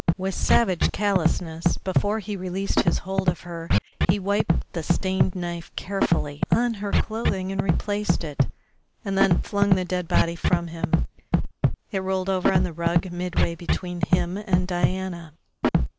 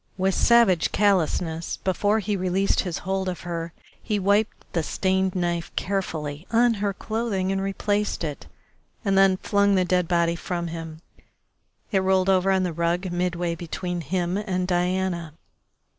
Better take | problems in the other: second | background sound (Scratching (performance technique)); 3 dB above the speech

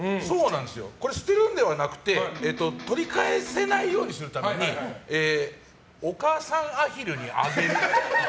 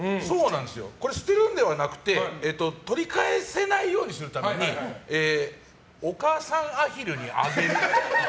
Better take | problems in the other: second | background sound (Electric guitar); 11 dB below the speech

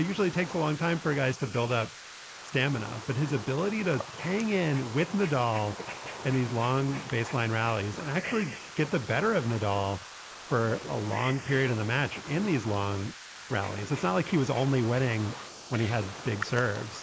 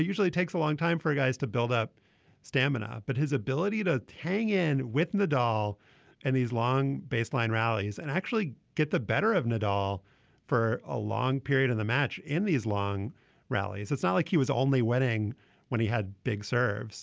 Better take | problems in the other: second | noise reduction (neural mask model Resemble Enhance denoiser)

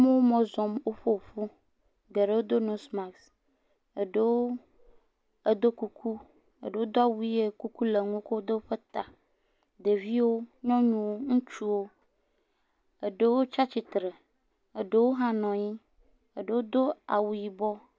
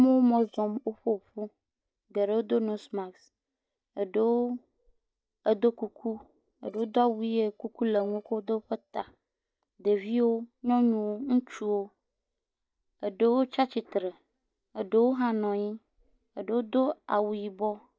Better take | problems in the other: first | noise reduction (neural mask model DeepFilterNet 3)

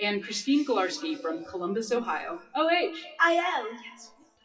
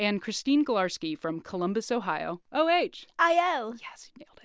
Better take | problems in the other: second | noise reduction (classical method WPE with log-MMSE)

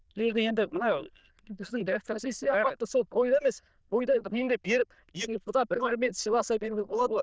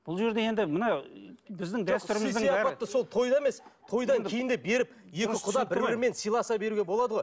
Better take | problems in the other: second | noise reduction (neural diffusion model UNIVERSE++)

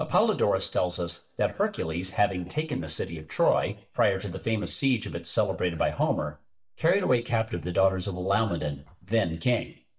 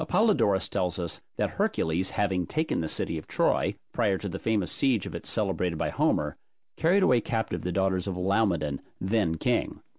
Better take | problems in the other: second | noise reduction (neural mask model DeepFilterNet 3)

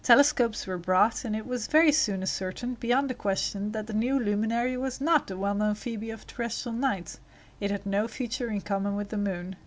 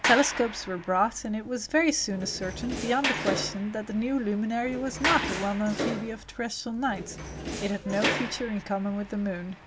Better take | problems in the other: first | background sound (Door + Sliding door); 5 dB below the speech

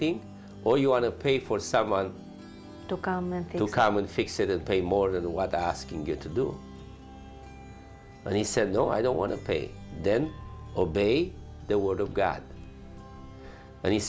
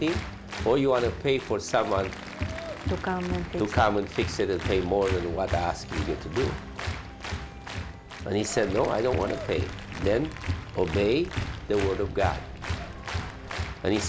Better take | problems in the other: first | background sound (Applause); 6 dB below the speech

